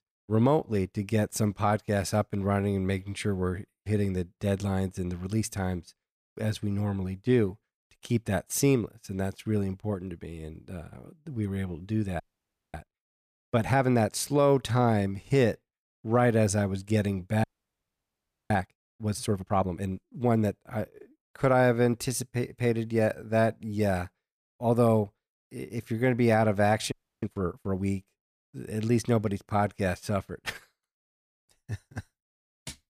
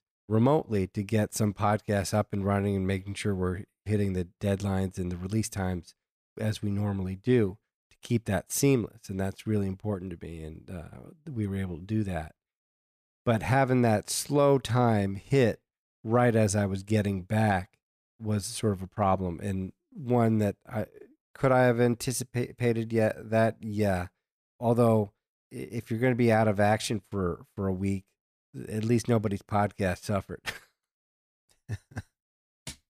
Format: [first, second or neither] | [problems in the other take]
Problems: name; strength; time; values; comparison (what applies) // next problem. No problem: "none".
second | audio freezing; at 12 s for 0.5 s, at 17 s for 1 s and at 27 s